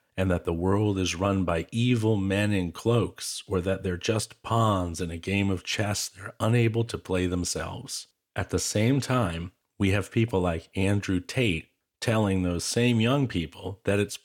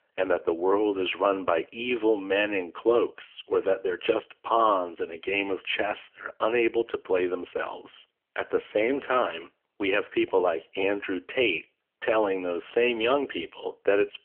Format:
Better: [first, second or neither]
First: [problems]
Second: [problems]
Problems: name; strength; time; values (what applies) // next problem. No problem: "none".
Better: first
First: none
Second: phone-call audio; nothing above 3 kHz